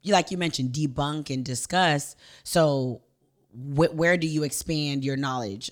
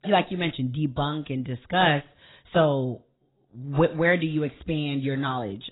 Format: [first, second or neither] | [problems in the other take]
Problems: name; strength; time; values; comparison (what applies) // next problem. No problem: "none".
first | garbled, watery; badly; nothing above 4 kHz